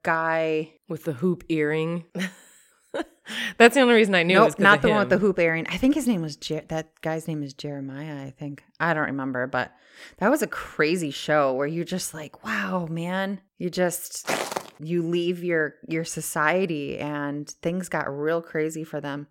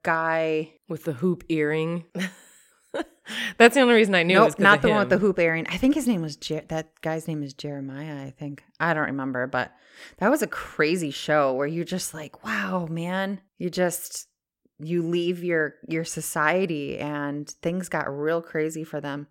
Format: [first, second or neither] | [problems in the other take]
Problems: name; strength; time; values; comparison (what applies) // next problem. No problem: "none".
second | footsteps; noticeable; at 14 s; peak 3 dB below the speech